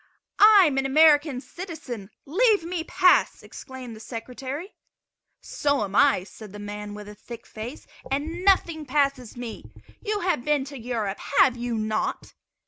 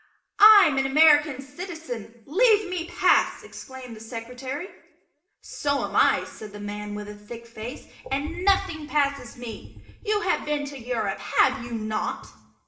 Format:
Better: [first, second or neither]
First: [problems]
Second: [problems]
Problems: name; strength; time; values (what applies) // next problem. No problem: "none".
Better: first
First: none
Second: room echo; dies away in 0.7 s